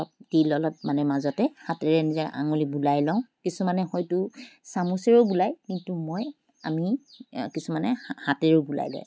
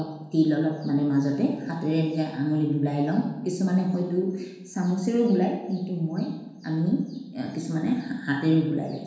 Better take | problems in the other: first | room echo; dies away in 1.1 s

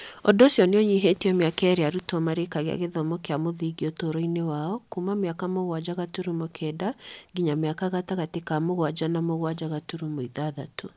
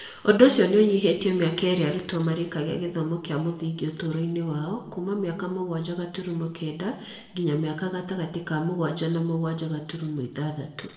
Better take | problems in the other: first | room echo; dies away in 0.8 s

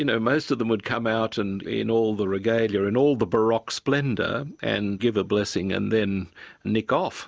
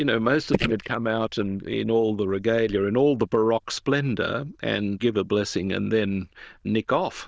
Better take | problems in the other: first | noise reduction (neural diffusion model UNIVERSE++)

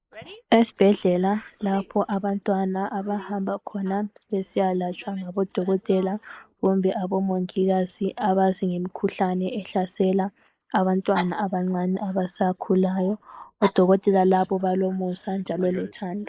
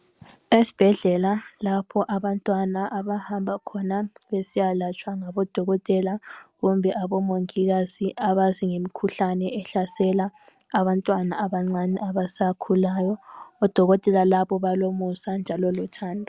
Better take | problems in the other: second | noise reduction (neural mask model Resemble Enhance denoiser)

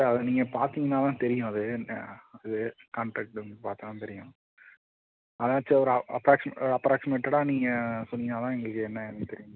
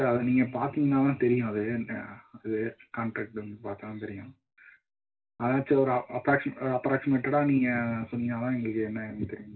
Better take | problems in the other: first | room echo; dies away in 0.2 s

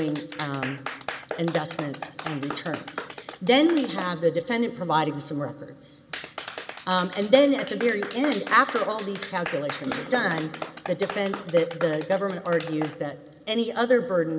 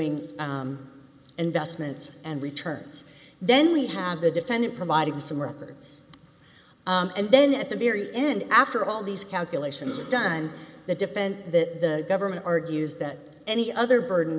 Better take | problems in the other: second | background sound (Clapping); 12 dB below the speech

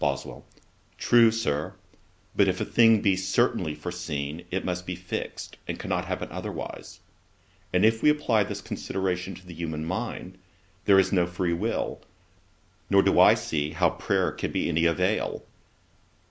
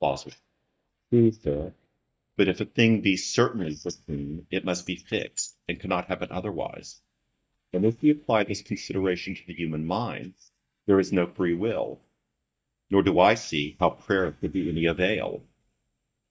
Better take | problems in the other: first | noise reduction (neural mask model DeepFilterNet 3)

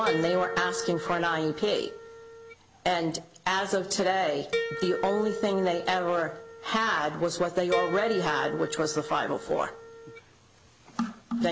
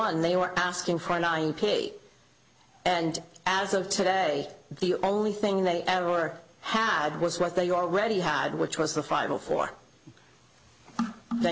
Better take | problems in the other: second | background sound (Harp); 7 dB below the speech

